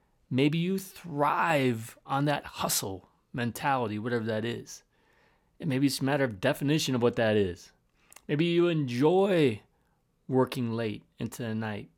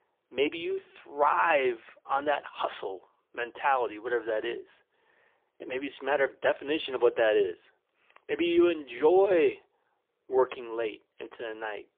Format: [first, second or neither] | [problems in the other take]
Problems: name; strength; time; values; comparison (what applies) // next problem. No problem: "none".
first | phone-call audio; poor line; nothing above 3.5 kHz